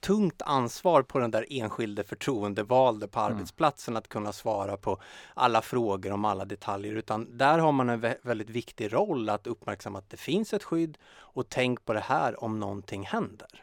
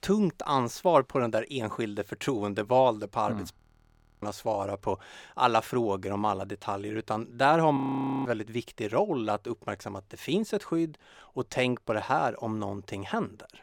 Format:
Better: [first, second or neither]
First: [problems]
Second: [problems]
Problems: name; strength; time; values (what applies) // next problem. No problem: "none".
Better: first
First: none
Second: audio freezing; at 3.5 s for 0.5 s and at 8 s